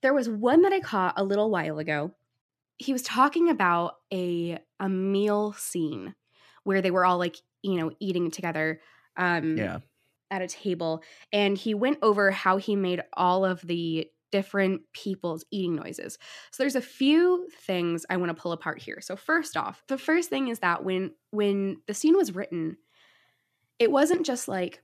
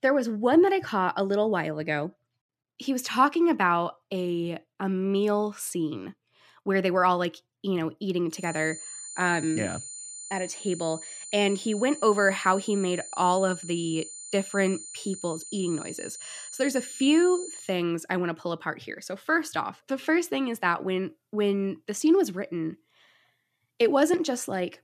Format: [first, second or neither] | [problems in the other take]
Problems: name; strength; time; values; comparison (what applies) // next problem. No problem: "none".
first | high-pitched whine; noticeable; from 8.5 to 18 s; 7 kHz, 10 dB below the speech